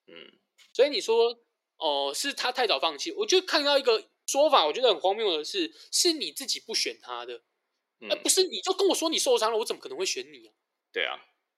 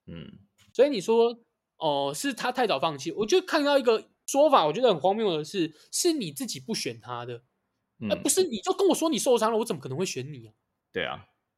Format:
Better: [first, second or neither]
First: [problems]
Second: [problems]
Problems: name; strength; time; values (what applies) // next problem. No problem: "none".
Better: second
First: thin; somewhat; fading below 350 Hz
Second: none